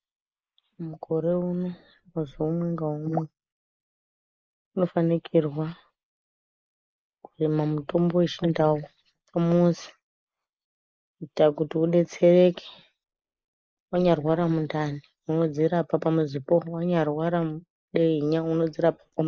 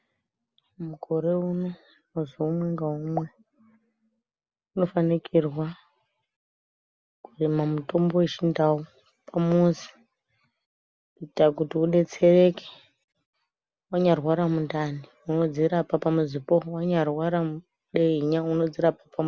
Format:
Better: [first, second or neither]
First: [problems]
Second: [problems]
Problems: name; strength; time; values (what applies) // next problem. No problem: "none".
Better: second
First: noise reduction (neural mask model Resemble Enhance denoiser)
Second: none